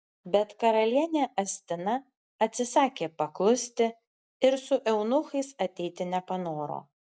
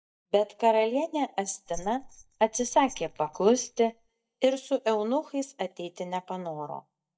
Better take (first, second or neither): first